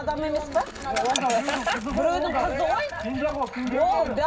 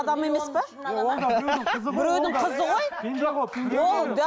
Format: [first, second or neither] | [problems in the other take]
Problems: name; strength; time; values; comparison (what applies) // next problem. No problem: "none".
second | background sound (Bicycle); 11 dB below the speech // room echo; dies away in 0.4 s